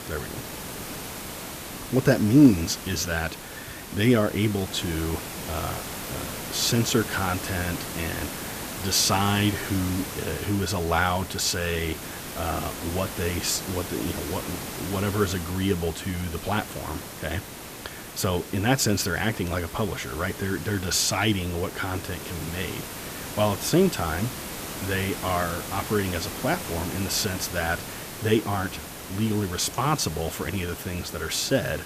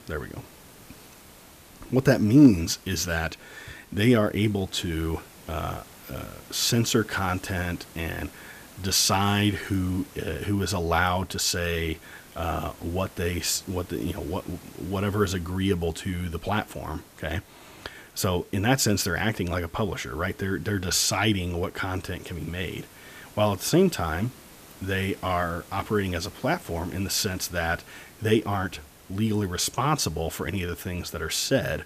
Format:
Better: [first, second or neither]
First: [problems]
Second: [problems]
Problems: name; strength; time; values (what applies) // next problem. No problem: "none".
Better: second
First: hiss; loud; throughout; 9 dB below the speech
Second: hiss; faint; throughout; 20 dB below the speech